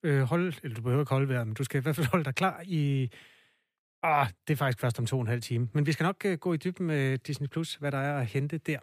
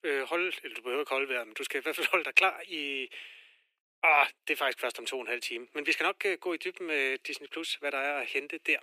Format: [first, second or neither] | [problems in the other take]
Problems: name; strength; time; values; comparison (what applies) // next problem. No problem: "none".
first | thin; very; fading below 350 Hz